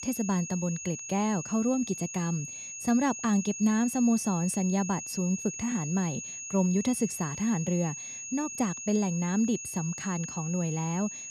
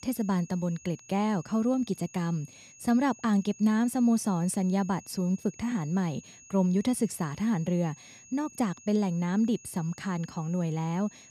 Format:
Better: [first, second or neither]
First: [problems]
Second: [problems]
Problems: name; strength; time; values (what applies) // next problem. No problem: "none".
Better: second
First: high-pitched whine; loud; throughout; 6.5 kHz, 7 dB below the speech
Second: high-pitched whine; faint; throughout; 6.5 kHz, 20 dB below the speech